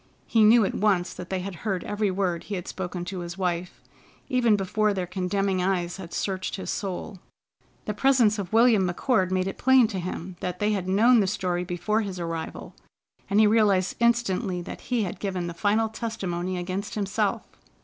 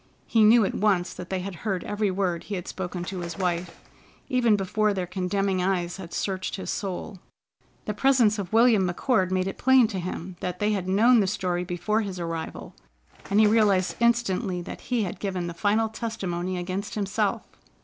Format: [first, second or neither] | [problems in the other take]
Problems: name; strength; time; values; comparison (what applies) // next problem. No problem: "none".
first | background sound (Bird); 20 dB below the speech